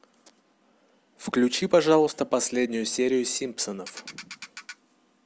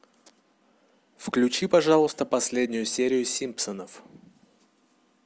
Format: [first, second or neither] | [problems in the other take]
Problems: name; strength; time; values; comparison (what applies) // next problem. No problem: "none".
second | background sound (Ratchet, pawl); 16 dB below the speech